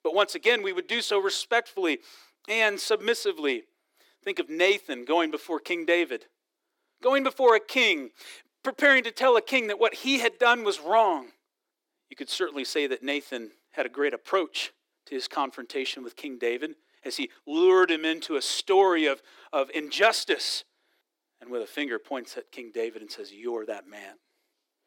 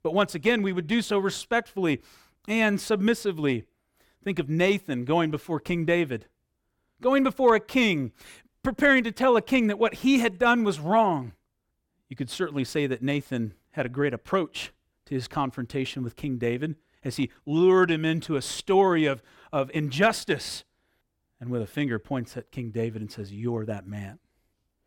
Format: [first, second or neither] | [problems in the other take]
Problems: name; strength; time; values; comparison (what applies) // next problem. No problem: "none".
second | thin; somewhat; fading below 300 Hz